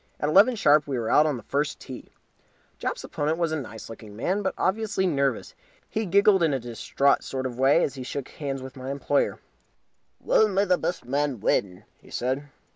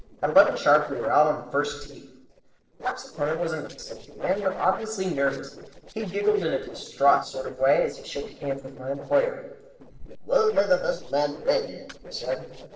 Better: first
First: none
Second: noise reduction (neural separator model SepFormer DNS4)

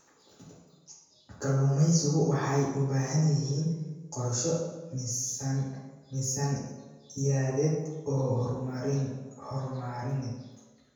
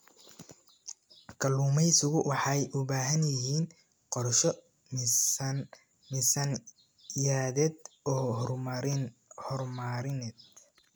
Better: second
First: room echo; dies away in 1.2 s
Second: none

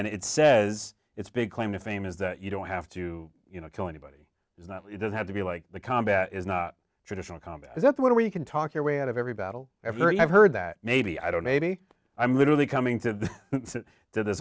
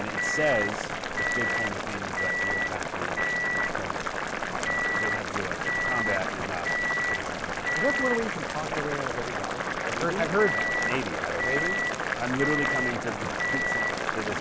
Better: first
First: none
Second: background sound (Microwave oven + Boiling); 4 dB above the speech

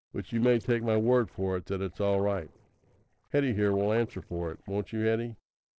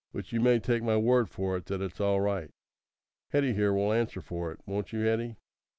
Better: second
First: noise reduction (neural separator model SepFormer DNS4)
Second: none

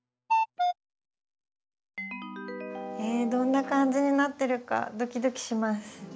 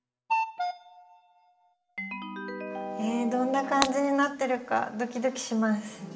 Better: first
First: none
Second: background sound (Shatter); 9 dB below the speech // room echo; dies away in 2.9 s

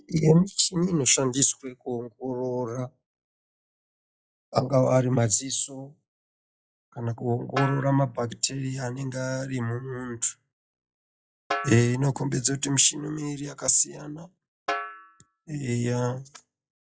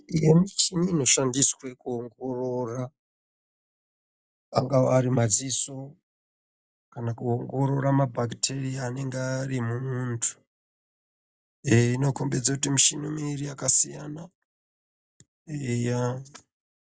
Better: second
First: noise reduction (classical method log-MMSE)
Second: none

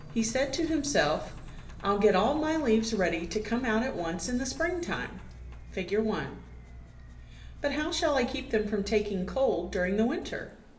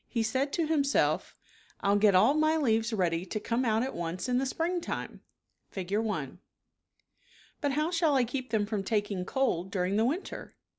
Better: second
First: background sound (Engine); 14 dB below the speech // room echo; dies away in 1.3 s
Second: none

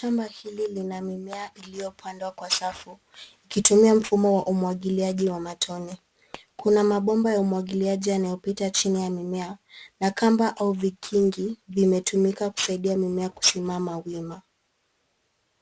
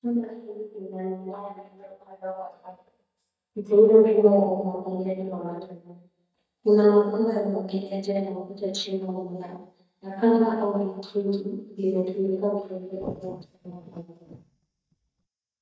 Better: first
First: none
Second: noise reduction (neural mask model DeepFilterNet 3)

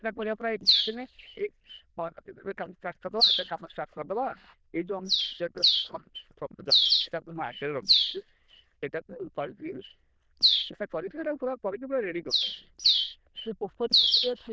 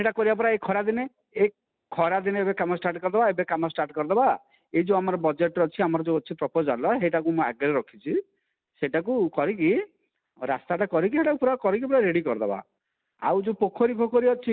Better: second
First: noise reduction (neural diffusion model UNIVERSE++)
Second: none

